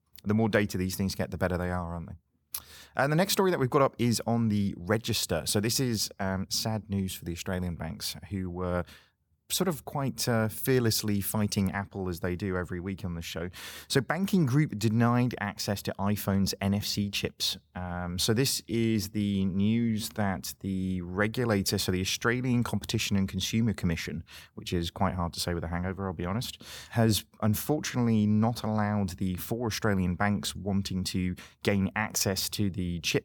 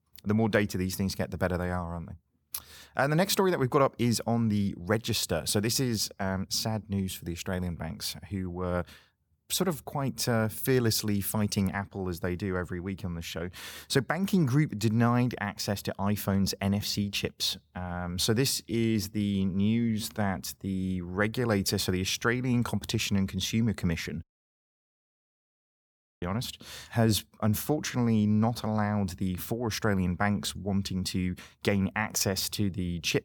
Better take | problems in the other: first | audio cutting out; at 24 s for 2 s

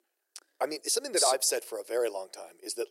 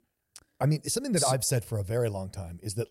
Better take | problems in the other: second | thin; very; fading below 350 Hz

